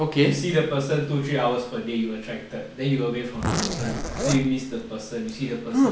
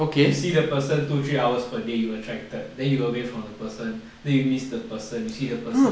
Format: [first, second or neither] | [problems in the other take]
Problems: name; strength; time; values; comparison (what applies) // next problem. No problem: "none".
second | background sound (Zipper (clothing)); 4 dB below the speech